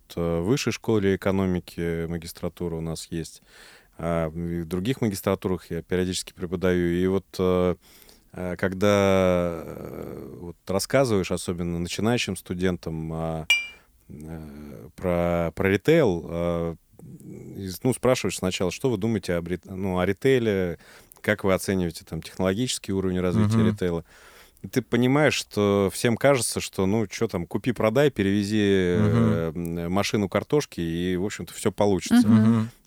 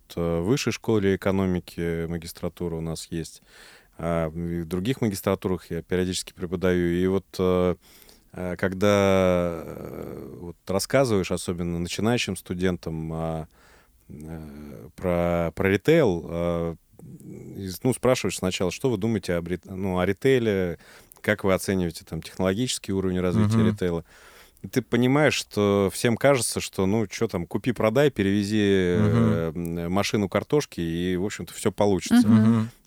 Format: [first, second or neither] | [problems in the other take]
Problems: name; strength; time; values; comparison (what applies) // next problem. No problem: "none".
second | clattering dishes; loud; at 14 s; peak 2 dB above the speech